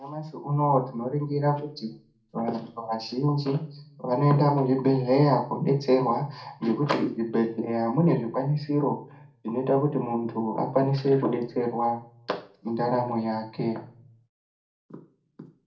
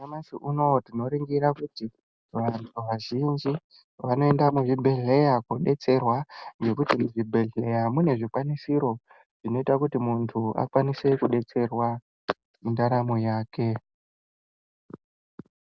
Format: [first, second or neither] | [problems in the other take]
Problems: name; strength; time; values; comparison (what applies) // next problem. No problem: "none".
second | room echo; dies away in 0.4 s